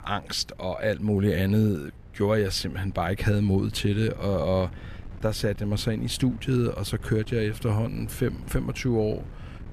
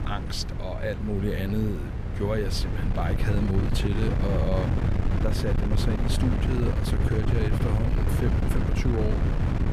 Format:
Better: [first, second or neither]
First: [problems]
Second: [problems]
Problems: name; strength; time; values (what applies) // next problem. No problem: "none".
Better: first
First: wind noise on the microphone; occasional gusts; 25 dB below the speech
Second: wind noise on the microphone; heavy; 2 dB below the speech